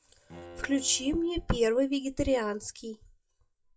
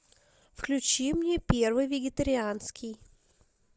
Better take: second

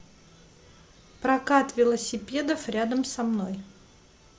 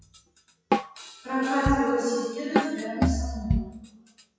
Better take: first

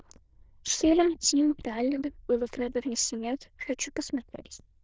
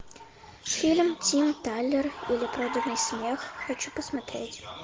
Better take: second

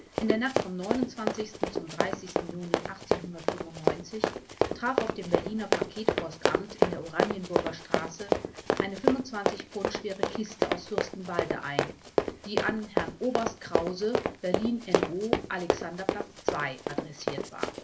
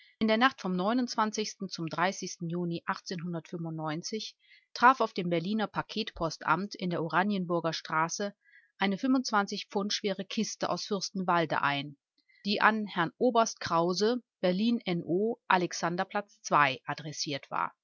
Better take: second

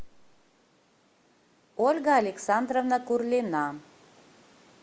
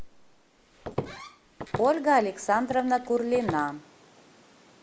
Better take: first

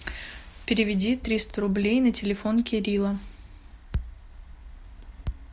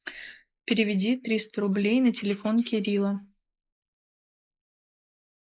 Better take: first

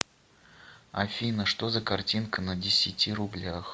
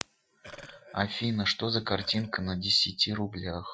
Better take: first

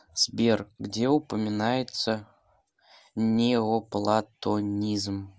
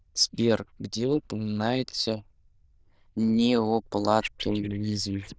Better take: first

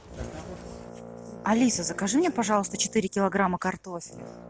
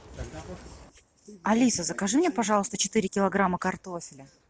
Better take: second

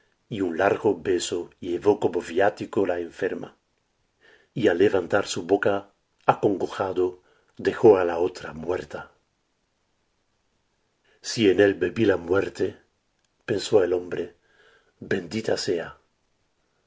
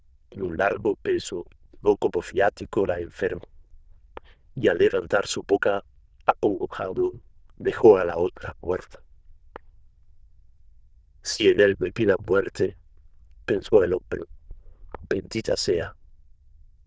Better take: first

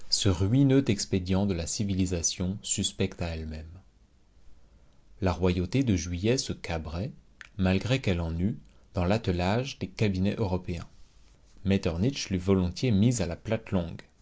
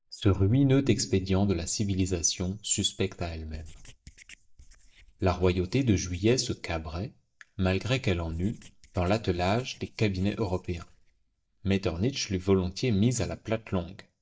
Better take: first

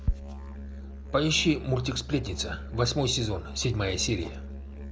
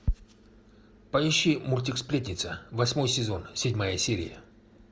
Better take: second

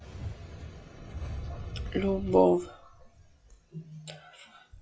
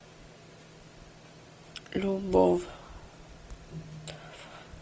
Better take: second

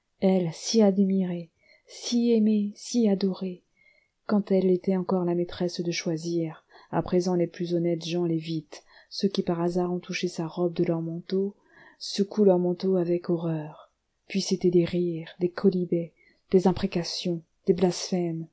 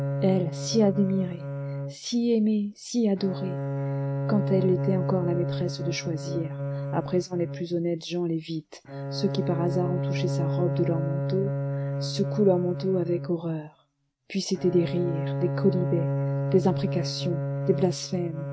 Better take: first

